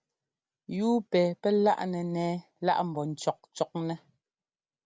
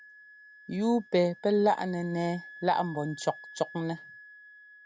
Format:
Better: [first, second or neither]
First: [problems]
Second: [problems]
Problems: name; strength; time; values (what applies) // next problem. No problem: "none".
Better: first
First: none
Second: background sound (Wind instrument, woodwind instrument); 19 dB below the speech